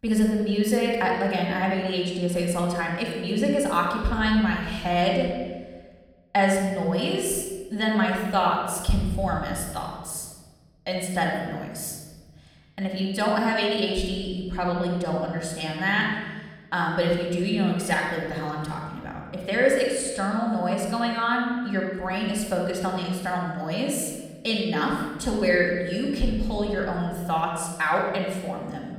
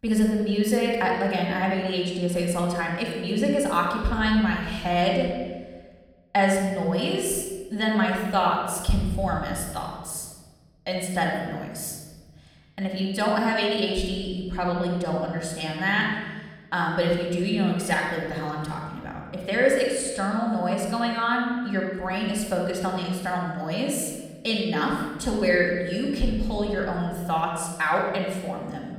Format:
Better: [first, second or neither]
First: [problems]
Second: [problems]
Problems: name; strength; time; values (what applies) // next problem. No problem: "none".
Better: neither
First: off-mic speech; far // room echo; noticeable; dies away in 1.3 s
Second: off-mic speech; far // room echo; noticeable; dies away in 1.3 s